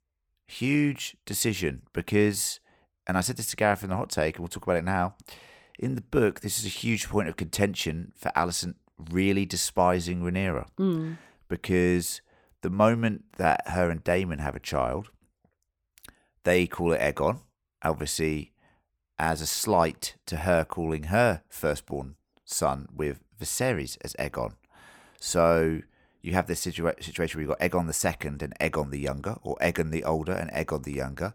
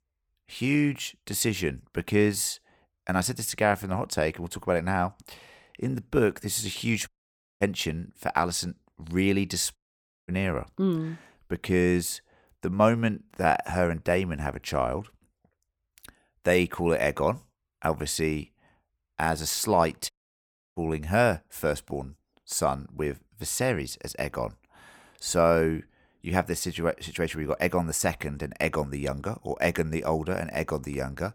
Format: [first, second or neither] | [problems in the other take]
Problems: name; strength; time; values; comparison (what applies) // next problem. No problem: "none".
first | audio cutting out; at 7 s for 0.5 s, at 10 s for 0.5 s and at 20 s for 0.5 s